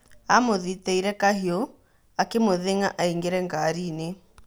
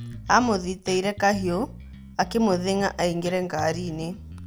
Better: first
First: none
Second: background sound (Bass guitar); 14 dB below the speech

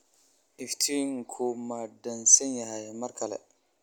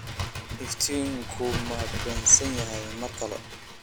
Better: first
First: none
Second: background sound (Bird); 5 dB below the speech

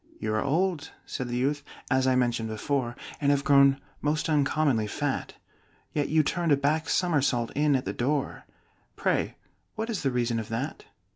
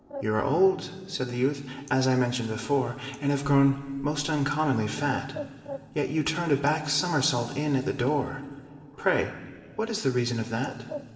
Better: first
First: none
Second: background sound (Bird); 19 dB below the speech // room echo; dies away in 2.8 s

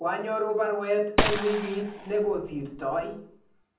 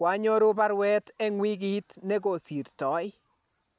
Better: second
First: background sound (Gunshot, gunfire); 3 dB below the speech // room echo; dies away in 0.6 s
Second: none

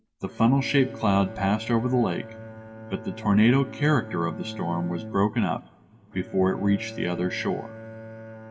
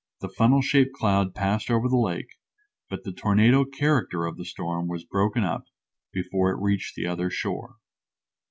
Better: second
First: background sound (Bowed string instrument); 14 dB below the speech // room echo; dies away in 1.9 s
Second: none

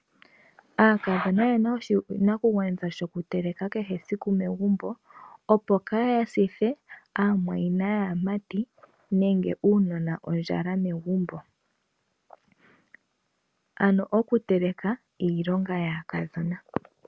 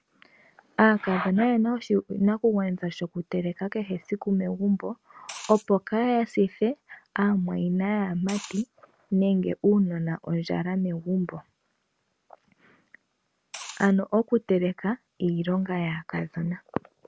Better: first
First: none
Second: background sound (Liquid); 17 dB below the speech

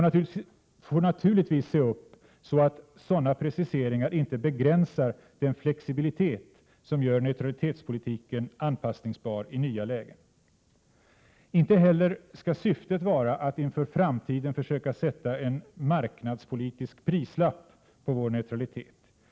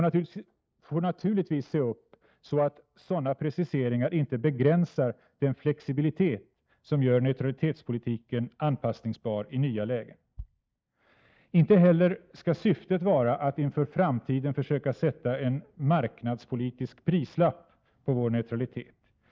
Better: first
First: none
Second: noise reduction (neural mask model DeepFilterNet 3)

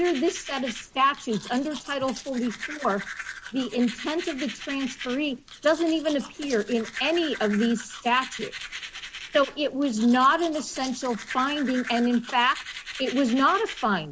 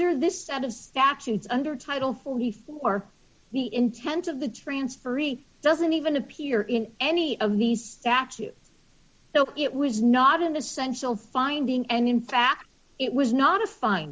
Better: second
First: background sound (Domestic sounds, home sounds); 13 dB below the speech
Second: none

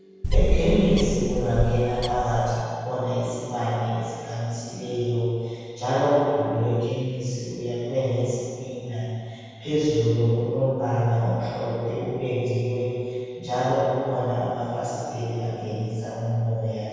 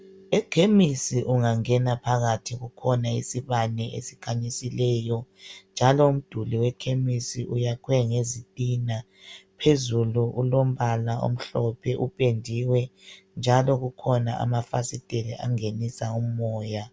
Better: second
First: background sound (Bird); 1 dB above the speech // room echo; dies away in 2.2 s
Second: none

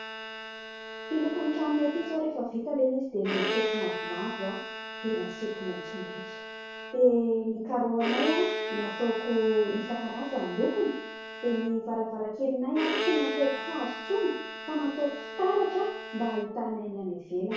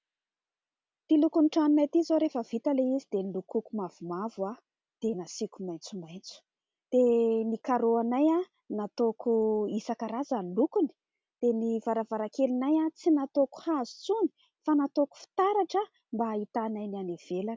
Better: second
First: background sound (Bowed string instrument); 7 dB below the speech // room echo; dies away in 0.6 s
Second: none

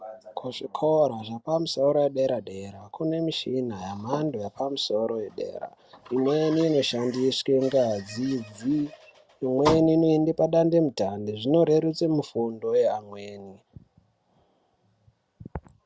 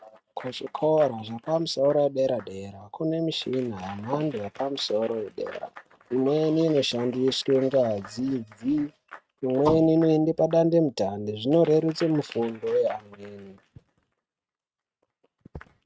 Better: first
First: none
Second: noise reduction (neural mask model RNNoise)

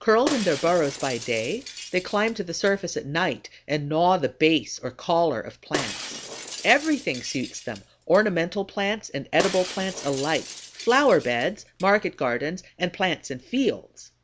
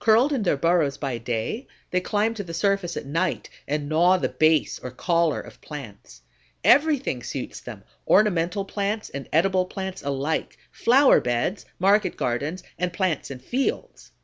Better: second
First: background sound (Shatter); 12 dB below the speech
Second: none

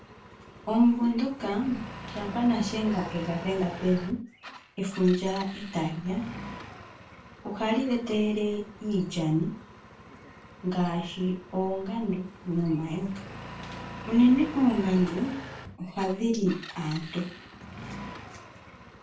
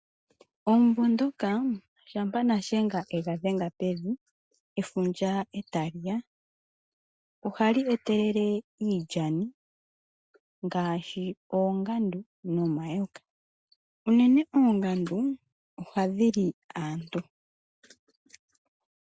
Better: second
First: background sound (Engine); 14 dB below the speech // room echo; dies away in 0.3 s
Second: none

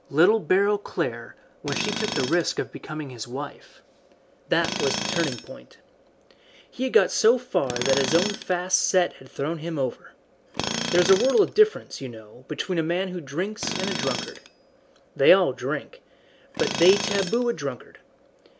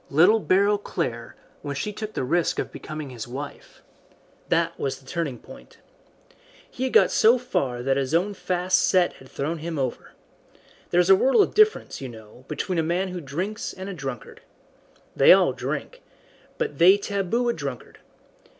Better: second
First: background sound (Tools); 9 dB below the speech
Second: none

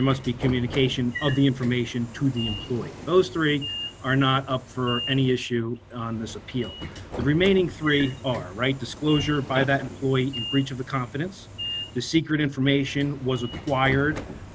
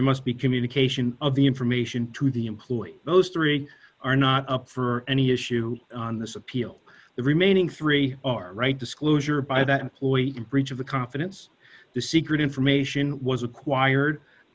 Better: second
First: background sound (Sliding door / Train); 12 dB below the speech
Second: none

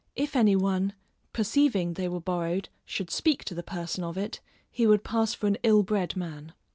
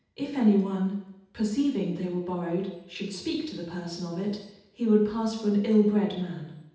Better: first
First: none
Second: room echo; dies away in 0.8 s

